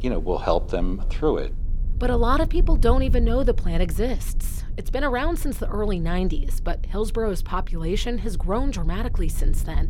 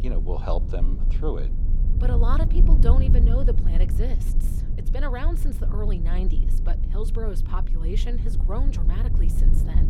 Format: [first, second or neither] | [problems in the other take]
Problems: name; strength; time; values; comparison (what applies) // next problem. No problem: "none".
first | low rumble; loud; throughout; 6 dB below the speech; faint in the first